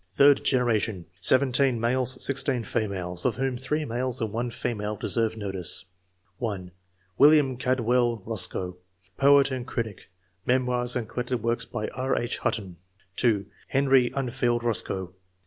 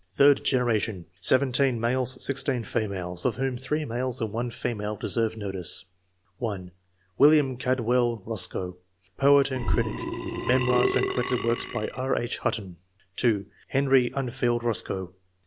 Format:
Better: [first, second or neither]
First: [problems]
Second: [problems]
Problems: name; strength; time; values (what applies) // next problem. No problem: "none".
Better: first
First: none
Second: background sound (Burping, eructation); 2 dB below the speech